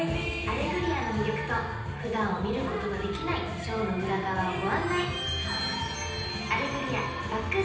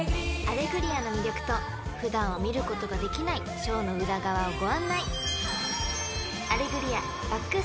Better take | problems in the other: second | room echo; dies away in 0.9 s

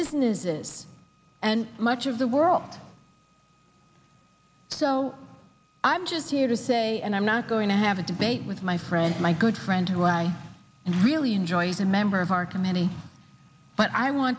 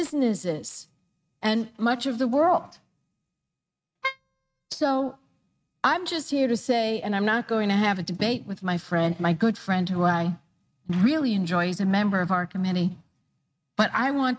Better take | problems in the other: first | noise reduction (neural mask model RNNoise)

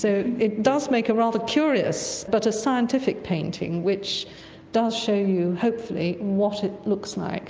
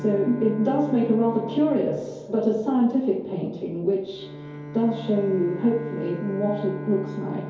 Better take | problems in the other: first | background sound (Bowed string instrument); 13 dB below the speech // room echo; dies away in 2.4 s

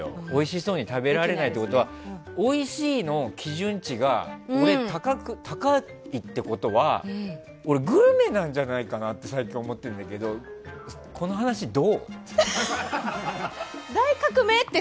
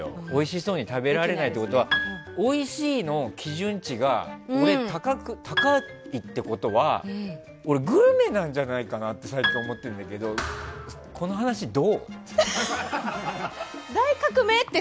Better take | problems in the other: first | background sound (Piano + Thump, thud); 7 dB below the speech

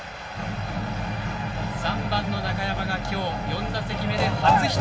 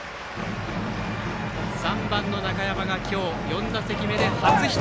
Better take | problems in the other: second | room echo; dies away in 1.5 s

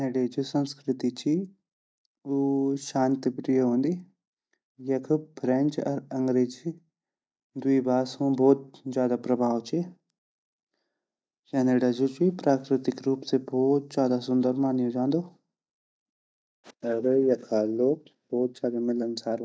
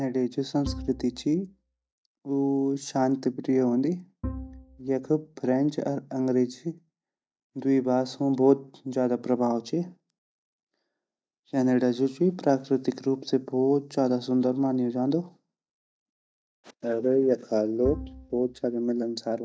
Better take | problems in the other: first | background sound (Bowed string instrument); 12 dB below the speech

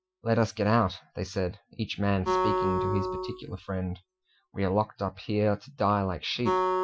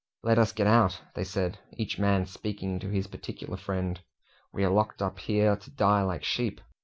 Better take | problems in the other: second | noise reduction (classical method Wiener filter)

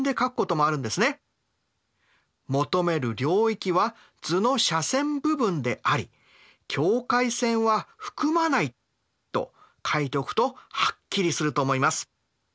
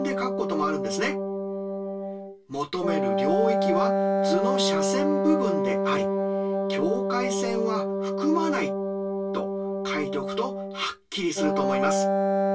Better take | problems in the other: first | background sound (Wind instrument, woodwind instrument); 4 dB above the speech // room echo; dies away in 0.1 s

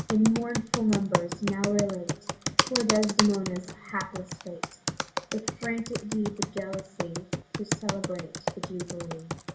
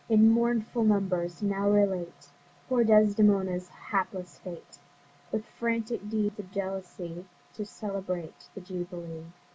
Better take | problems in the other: second | background sound (Computer keyboard); 2 dB below the speech // room echo; dies away in 1.3 s

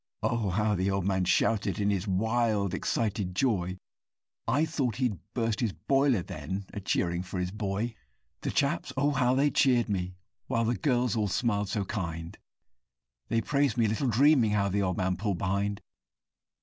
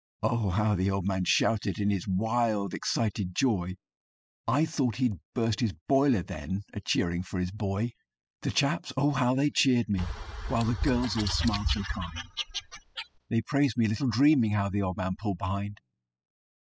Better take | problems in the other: first | noise reduction (classical method spectral subtraction)

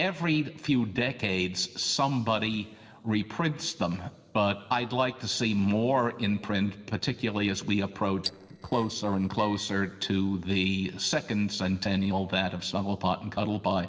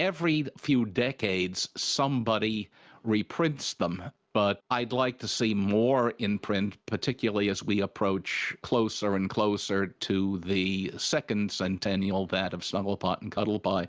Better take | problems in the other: second | noise reduction (neural separator model SepFormer DNS4)

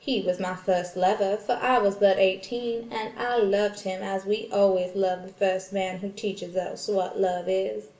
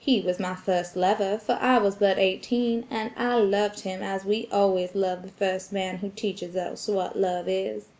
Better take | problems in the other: second | room echo; dies away in 0.7 s

